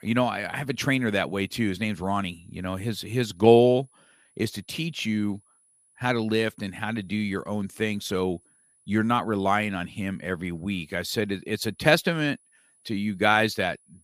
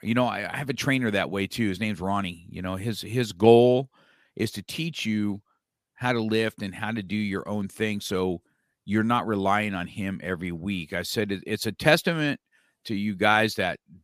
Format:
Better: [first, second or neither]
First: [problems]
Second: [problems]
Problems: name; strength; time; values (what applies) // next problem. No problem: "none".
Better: second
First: high-pitched whine; faint; throughout; 10 kHz, 35 dB below the speech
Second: none